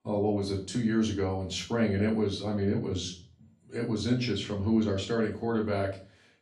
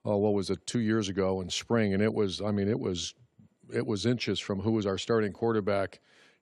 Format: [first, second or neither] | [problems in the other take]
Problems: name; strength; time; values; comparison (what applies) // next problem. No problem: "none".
second | off-mic speech; far // room echo; slight; dies away in 0.4 s